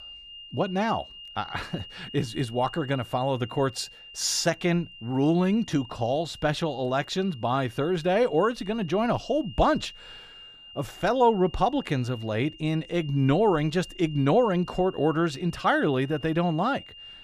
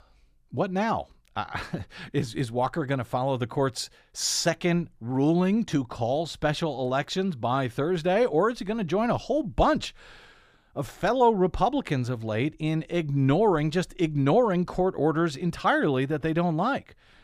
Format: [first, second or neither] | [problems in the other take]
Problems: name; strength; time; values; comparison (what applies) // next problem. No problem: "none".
second | high-pitched whine; noticeable; throughout; 3 kHz, 20 dB below the speech